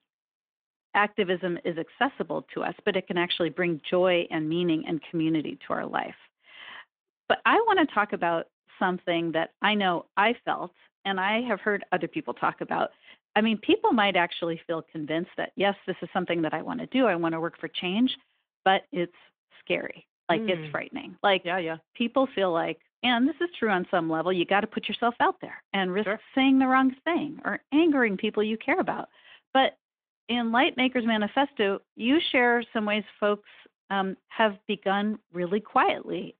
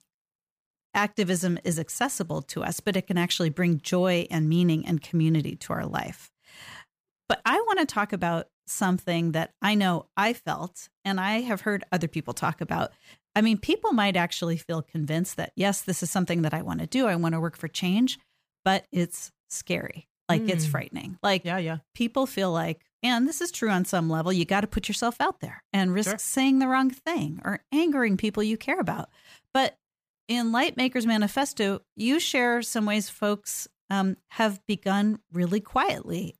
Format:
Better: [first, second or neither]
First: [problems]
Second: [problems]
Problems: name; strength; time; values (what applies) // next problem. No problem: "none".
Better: second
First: phone-call audio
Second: none